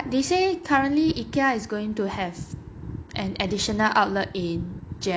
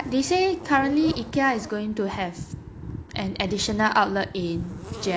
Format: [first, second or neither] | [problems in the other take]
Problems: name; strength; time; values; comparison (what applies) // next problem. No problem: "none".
first | background sound (Zipper (clothing)); 19 dB below the speech